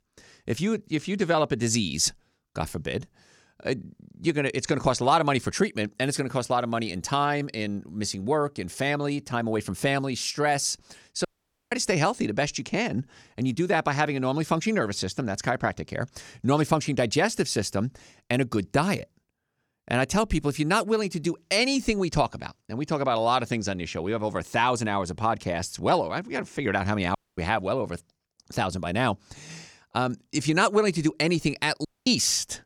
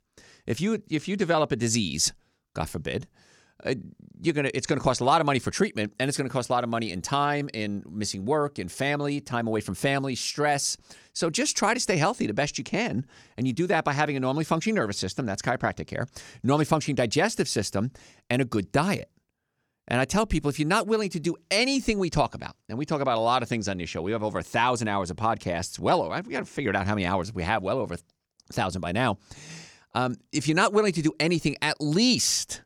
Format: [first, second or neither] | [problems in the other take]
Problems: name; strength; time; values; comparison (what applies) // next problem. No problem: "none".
second | audio cutting out; at 11 s, at 27 s and at 32 s